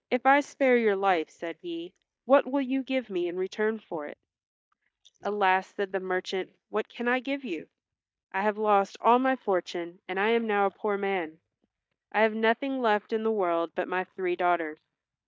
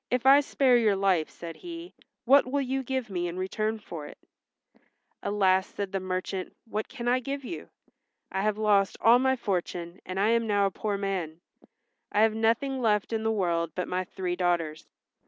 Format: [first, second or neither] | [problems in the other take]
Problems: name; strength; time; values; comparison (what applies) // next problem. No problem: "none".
second | noise reduction (neural mask model DeepFilterNet 3)